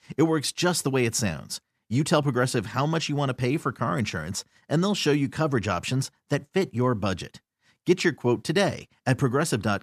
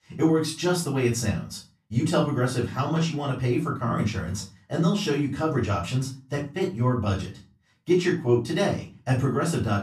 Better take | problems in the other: first | room echo; slight; dies away in 0.3 s // off-mic speech; far

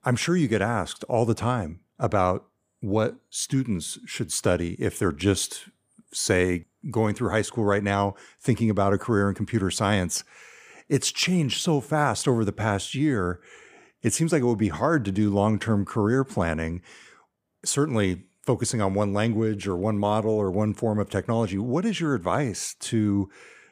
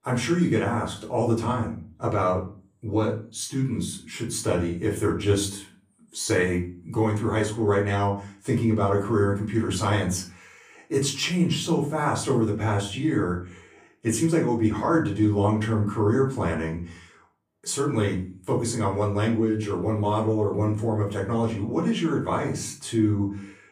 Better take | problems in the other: first | off-mic speech; far // room echo; slight; dies away in 0.3 s

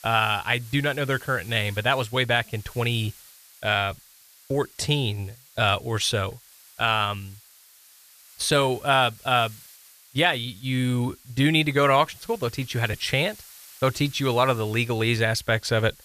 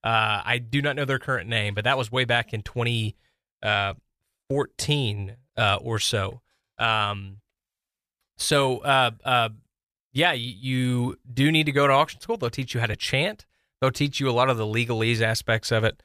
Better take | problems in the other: second | hiss; faint; throughout; 25 dB below the speech

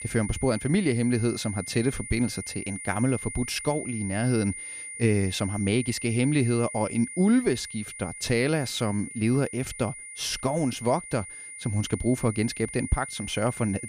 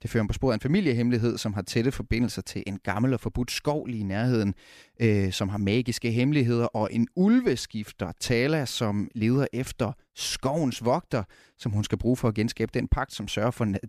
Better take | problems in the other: second | high-pitched whine; loud; throughout; 9.5 kHz, 10 dB below the speech

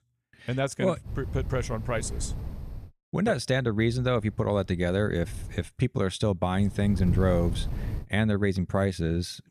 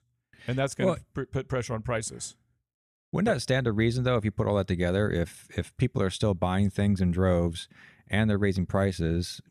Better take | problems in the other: second | wind noise on the microphone; occasional gusts; from 1 to 3 s, from 4 to 5.5 s and from 6.5 to 8 s; 15 dB below the speech

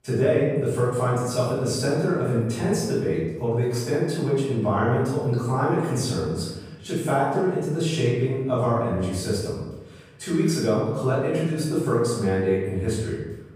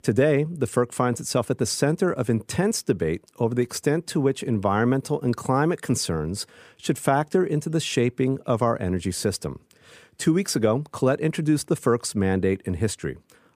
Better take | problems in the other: second | room echo; strong; dies away in 0.9 s // off-mic speech; far

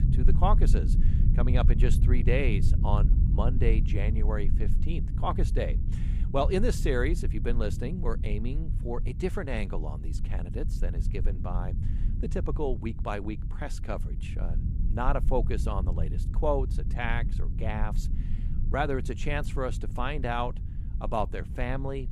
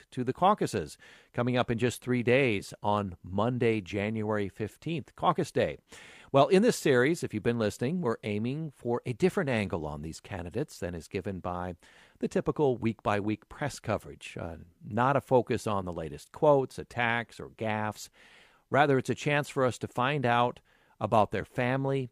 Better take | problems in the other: second | low rumble; noticeable; throughout; 10 dB below the speech

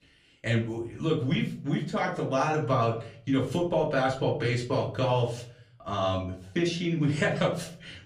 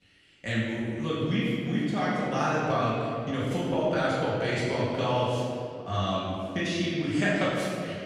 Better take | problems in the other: first | room echo; strong; dies away in 2.1 s; slight in the first // off-mic speech; far; far in the first

